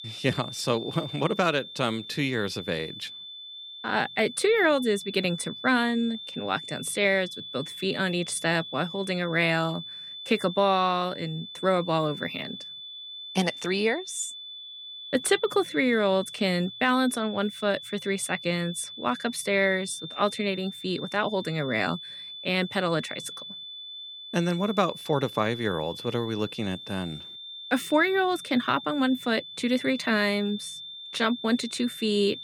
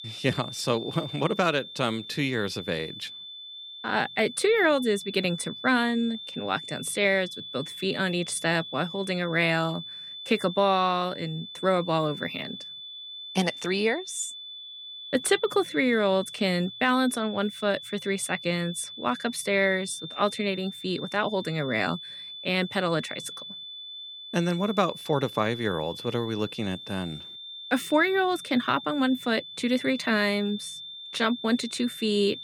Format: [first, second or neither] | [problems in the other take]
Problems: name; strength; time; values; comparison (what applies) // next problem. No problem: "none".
neither | high-pitched whine; noticeable; throughout; 3.5 kHz, 10 dB below the speech; the same in both